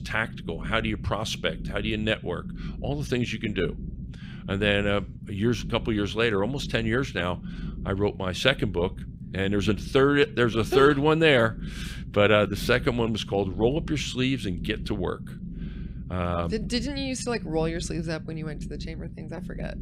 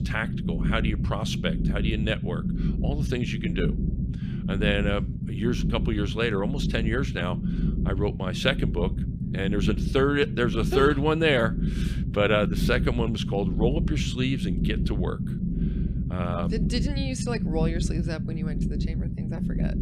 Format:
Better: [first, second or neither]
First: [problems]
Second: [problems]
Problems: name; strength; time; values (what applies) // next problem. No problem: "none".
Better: first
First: low rumble; faint; throughout; 20 dB below the speech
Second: low rumble; loud; throughout; 10 dB below the speech